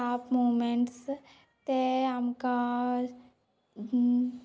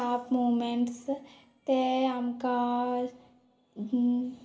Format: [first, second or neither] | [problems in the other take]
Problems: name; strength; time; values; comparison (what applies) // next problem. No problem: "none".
first | room echo; dies away in 0.6 s